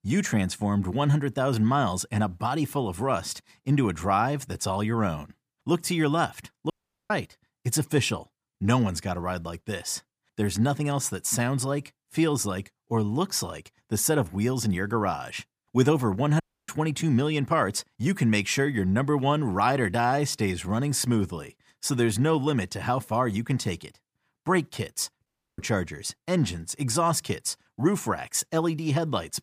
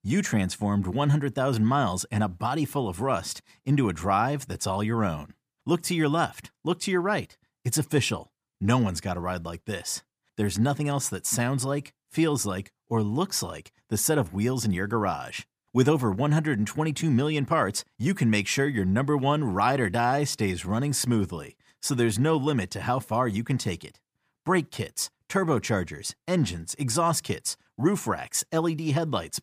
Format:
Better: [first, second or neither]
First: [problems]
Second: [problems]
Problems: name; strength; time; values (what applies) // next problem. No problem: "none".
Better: second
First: audio cutting out; at 6.5 s, at 16 s and at 25 s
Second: none